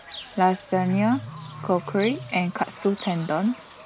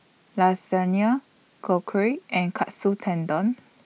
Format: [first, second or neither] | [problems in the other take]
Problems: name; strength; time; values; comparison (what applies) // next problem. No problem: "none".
second | background sound (Bird / Fowl); 14 dB below the speech